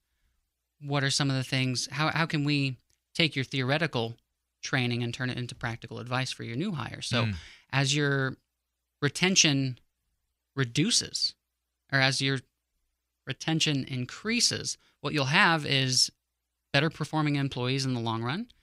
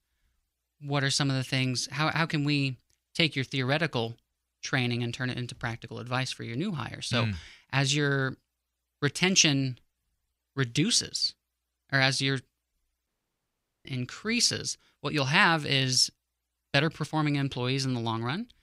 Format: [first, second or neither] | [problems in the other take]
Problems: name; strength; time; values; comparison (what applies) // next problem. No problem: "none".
first | audio cutting out; at 13 s for 1 s